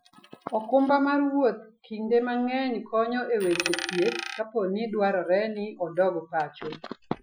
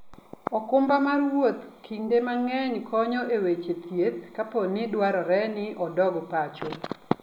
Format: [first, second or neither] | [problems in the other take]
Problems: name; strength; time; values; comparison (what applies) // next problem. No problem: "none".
second | noise reduction (classical method Wiener filter)